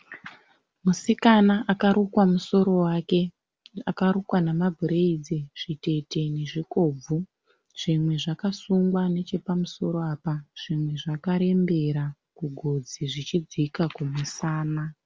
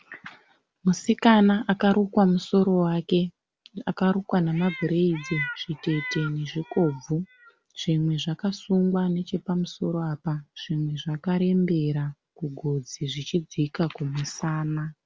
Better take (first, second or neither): first